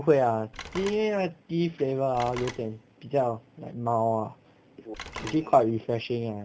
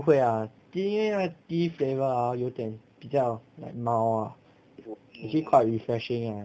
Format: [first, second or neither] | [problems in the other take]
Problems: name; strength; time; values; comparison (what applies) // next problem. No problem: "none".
second | background sound (Telephone); 16 dB below the speech